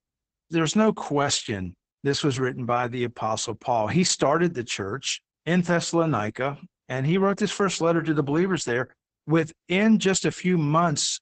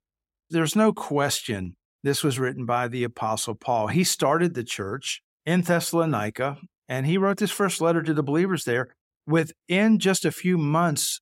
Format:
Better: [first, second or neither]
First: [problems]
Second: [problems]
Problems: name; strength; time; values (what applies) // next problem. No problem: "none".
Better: second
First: garbled, watery; badly; nothing above 8 kHz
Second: none